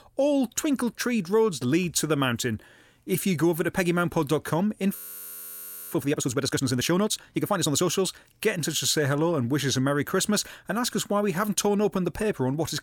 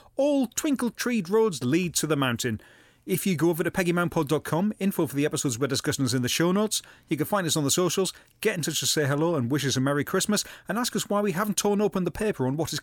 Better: second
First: audio freezing; at 5 s for 1 s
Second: none

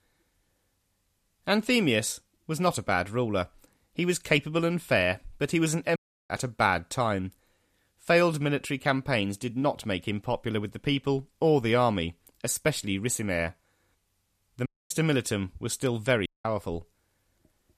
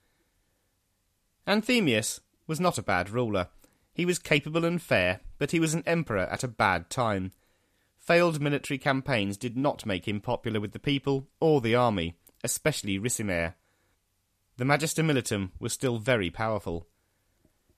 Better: second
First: audio cutting out; at 6 s, at 15 s and at 16 s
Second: none

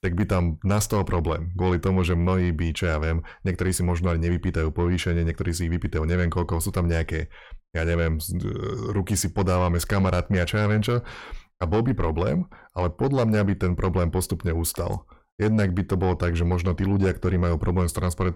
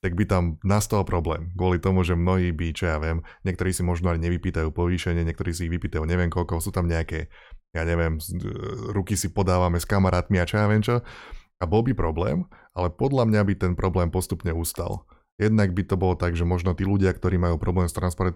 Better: second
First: distortion; slight; 10 dB below the speech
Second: none

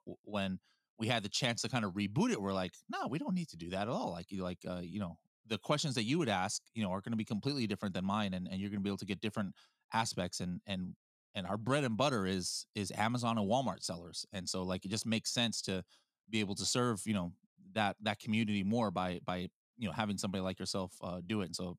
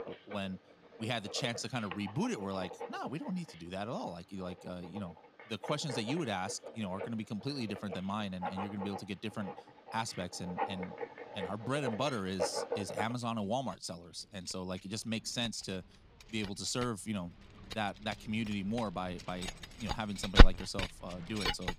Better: first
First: none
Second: household noises; very loud; throughout; 1 dB above the speech

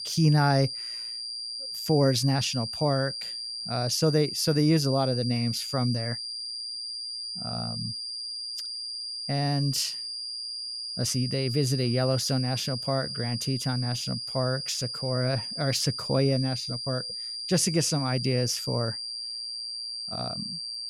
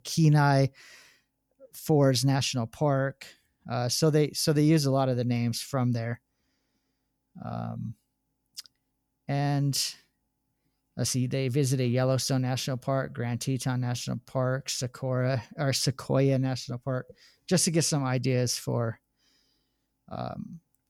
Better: second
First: high-pitched whine; loud; throughout; 5 kHz, 5 dB below the speech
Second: none

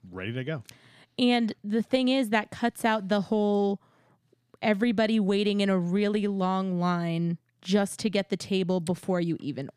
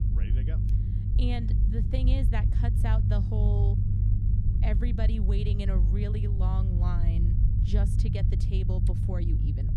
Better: first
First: none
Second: low rumble; loud; throughout; 2 dB below the speech

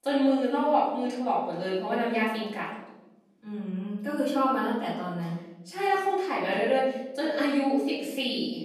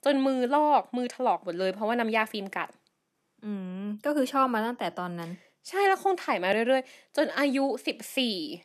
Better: second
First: off-mic speech; far // room echo; noticeable; dies away in 1 s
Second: none

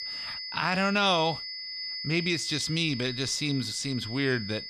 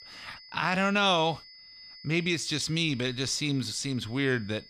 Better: second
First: high-pitched whine; loud; throughout; 5 kHz, 8 dB below the speech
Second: high-pitched whine; faint; throughout; 5 kHz, 20 dB below the speech

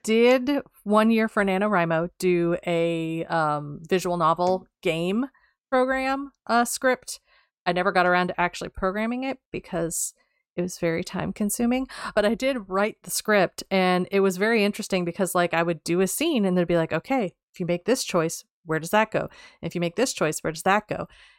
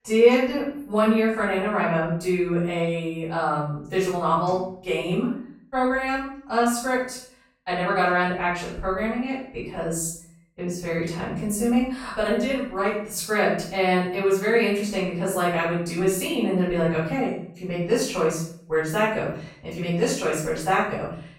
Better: first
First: none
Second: off-mic speech; far // room echo; noticeable; dies away in 0.6 s

